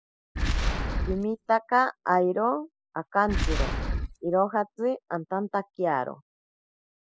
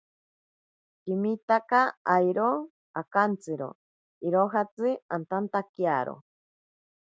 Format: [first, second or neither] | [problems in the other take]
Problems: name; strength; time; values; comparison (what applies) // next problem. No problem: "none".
second | noise reduction (classical method spectral subtraction)